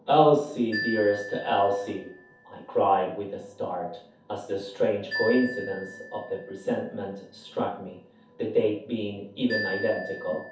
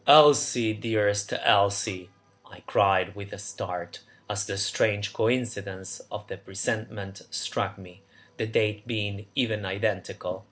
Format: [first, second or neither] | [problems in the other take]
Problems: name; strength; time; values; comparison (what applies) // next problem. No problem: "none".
second | background sound (Marimba, xylophone); 12 dB below the speech // room echo; dies away in 0.5 s